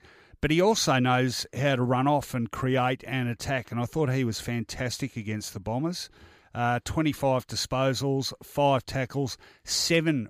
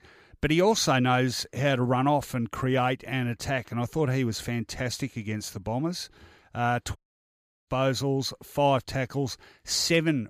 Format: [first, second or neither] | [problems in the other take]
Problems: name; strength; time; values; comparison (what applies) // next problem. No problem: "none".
first | audio cutting out; at 7 s for 0.5 s